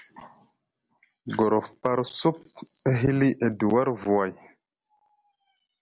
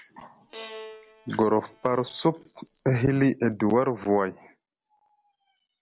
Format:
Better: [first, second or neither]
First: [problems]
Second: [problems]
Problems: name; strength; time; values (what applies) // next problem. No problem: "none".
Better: first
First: none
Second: background sound (Bowed string instrument); 19 dB below the speech